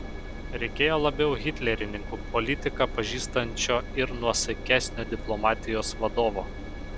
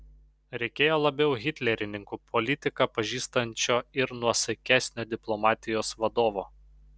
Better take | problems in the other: second | background sound (Engine); 7 dB below the speech

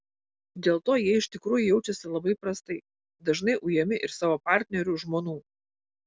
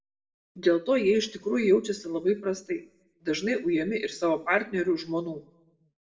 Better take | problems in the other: first | room echo; dies away in 0.4 s

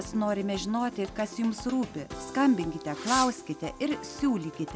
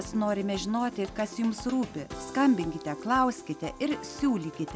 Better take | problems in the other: second | background sound (Fireworks); 12 dB below the speech

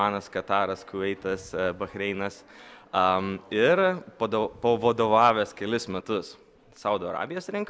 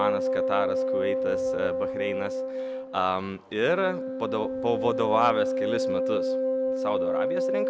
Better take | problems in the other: first | background sound (Wind instrument, woodwind instrument); 2 dB above the speech

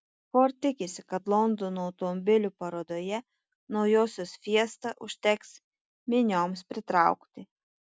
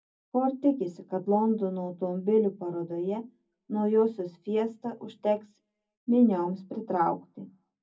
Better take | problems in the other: first | room echo; dies away in 0.4 s

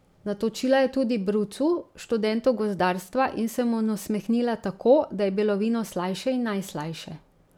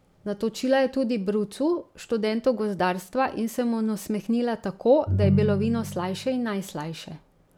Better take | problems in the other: first | background sound (Ringtone); as loud as the speech

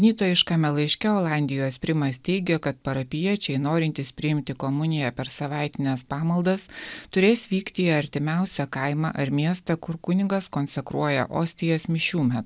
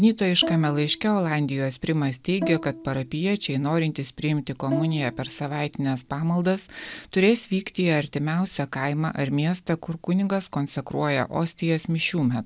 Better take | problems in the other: first | background sound (Bowed string instrument); 12 dB below the speech

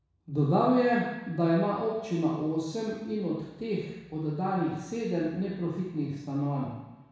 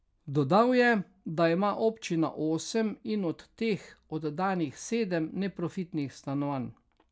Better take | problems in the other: second | room echo; dies away in 1.1 s

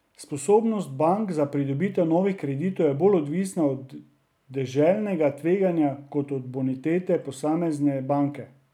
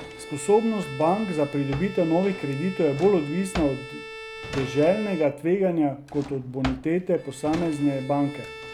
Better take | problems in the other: first | background sound (Bowed string instrument + Drawer open or close); 13 dB below the speech

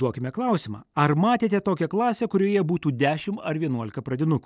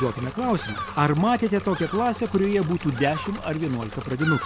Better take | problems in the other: first | background sound (Engine / Mechanisms + Bird vocalization, bird call, bird song); 10 dB below the speech

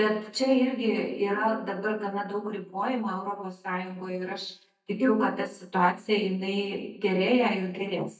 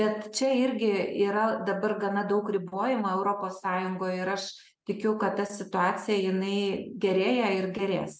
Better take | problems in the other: second | noise reduction (neural mask model DeepFilterNet 3)

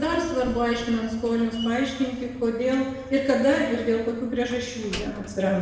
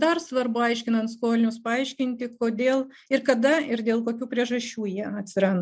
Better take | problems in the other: second | background sound (Slam); 16 dB below the speech // room echo; dies away in 1.1 s

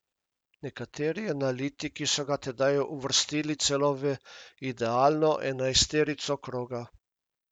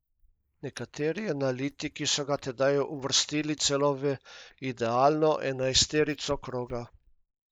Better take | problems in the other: first | noise reduction (neural mask model Resemble Enhance denoiser)

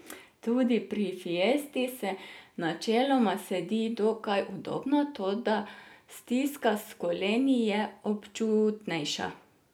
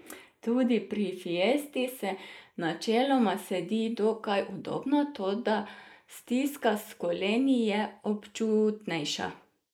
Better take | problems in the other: first | noise reduction (neural mask model Resemble Enhance denoiser)

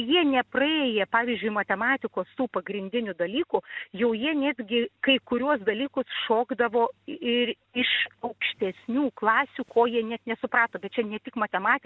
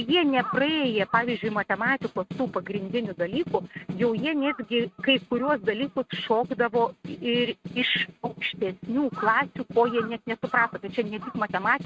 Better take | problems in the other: first | noise reduction (neural mask model RNNoise)

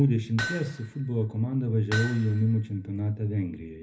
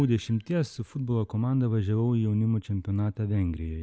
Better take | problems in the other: second | background sound (Hammer); 12 dB below the speech // room echo; dies away in 0.3 s

